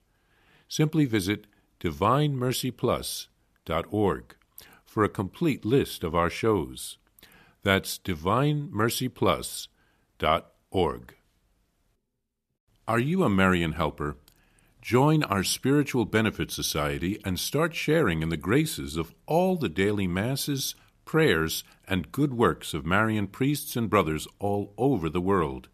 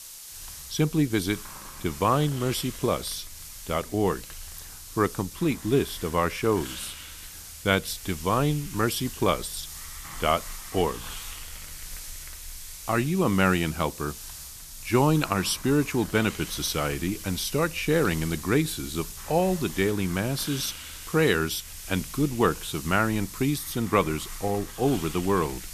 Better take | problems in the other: first | hiss; noticeable; throughout; 10 dB below the speech

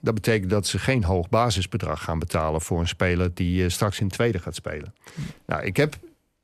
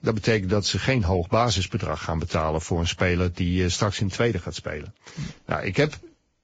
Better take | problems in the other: first | garbled, watery; badly; nothing above 7.5 kHz

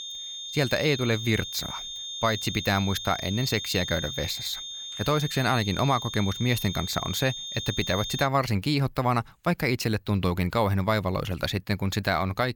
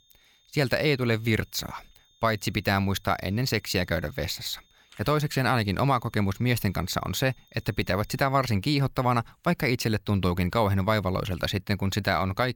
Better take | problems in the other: second | high-pitched whine; loud; until 8.5 s; 3.5 kHz, 7 dB below the speech; faint in the second

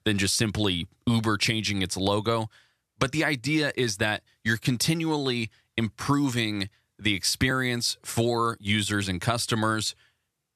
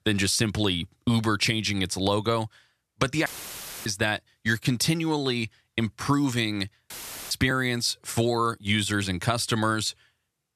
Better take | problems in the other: first | audio cutting out; filled with static; at 3.5 s for 0.5 s and at 7 s

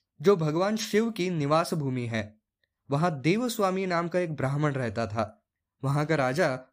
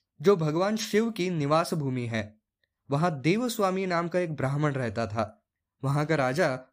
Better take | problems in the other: neither | none

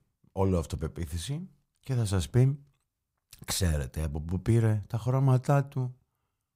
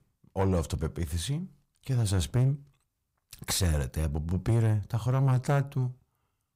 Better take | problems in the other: first | distortion; slight; 10 dB below the speech

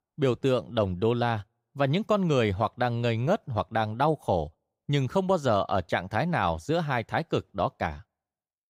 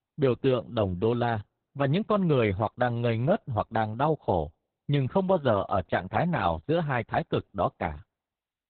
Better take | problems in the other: first | garbled, watery; badly; nothing above 4 kHz

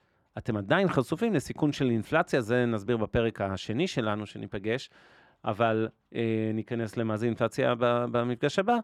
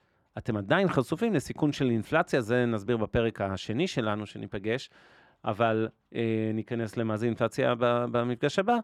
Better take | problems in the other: neither | muffled; slightly; fading above 4 kHz; the same in both

